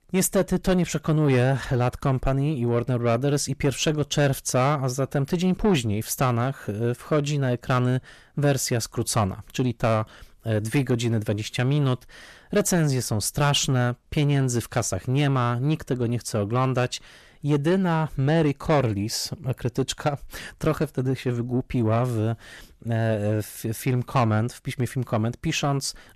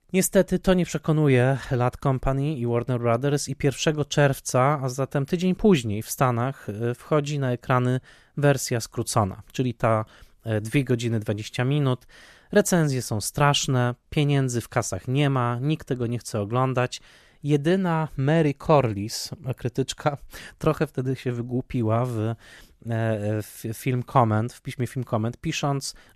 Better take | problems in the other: second | distortion; slight; 10 dB below the speech

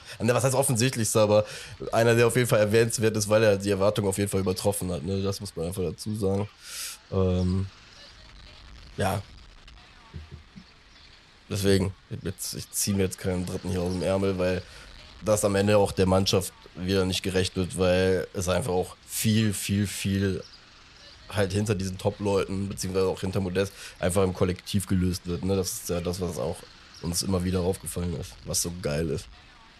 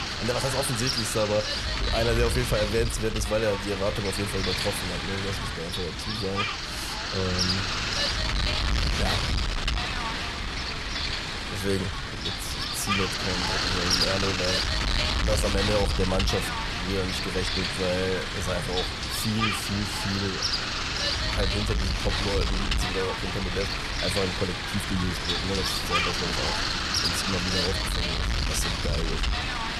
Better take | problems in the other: first | wind noise on the microphone; heavy; 5 dB above the speech; occasional gusts in the first

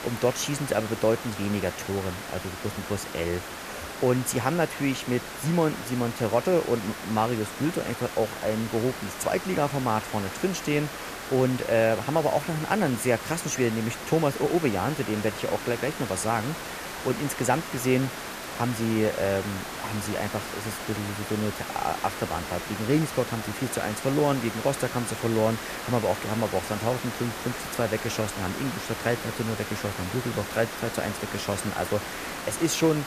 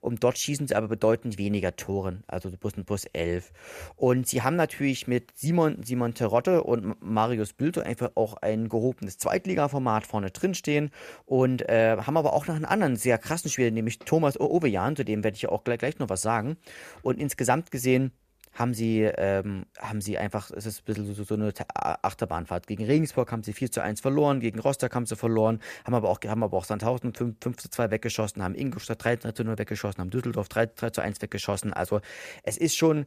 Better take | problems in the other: second | hiss; loud; throughout; 7 dB below the speech

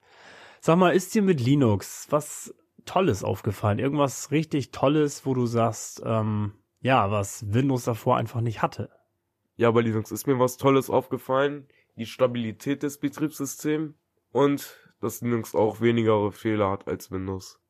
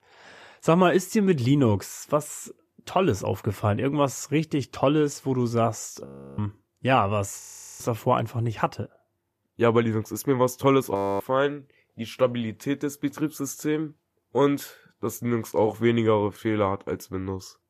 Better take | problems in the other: first | audio freezing; at 6 s, at 7.5 s and at 11 s

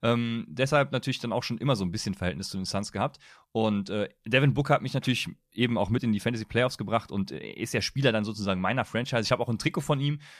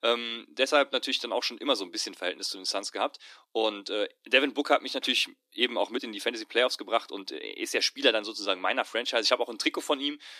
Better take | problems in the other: first | thin; somewhat; fading below 300 Hz

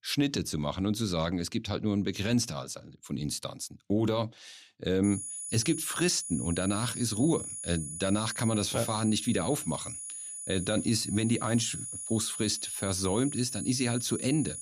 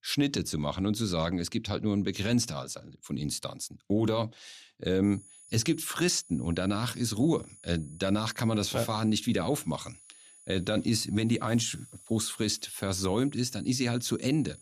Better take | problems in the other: second | high-pitched whine; loud; from 5 s on; 10 kHz, 6 dB below the speech; faint in the second

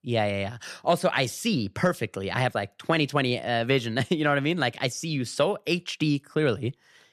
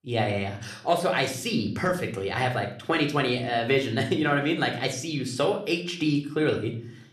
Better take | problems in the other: first | room echo; slight; dies away in 0.5 s // off-mic speech; somewhat distant

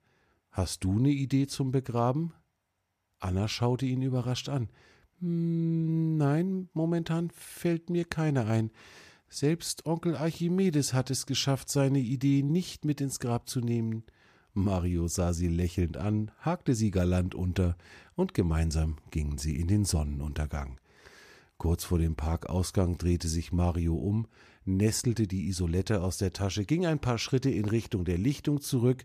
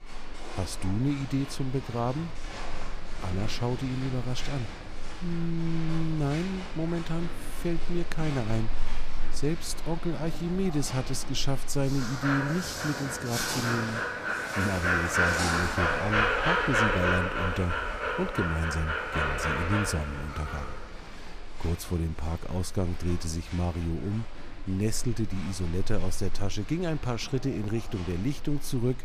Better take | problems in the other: first | animal sounds; loud; throughout; 1 dB below the speech

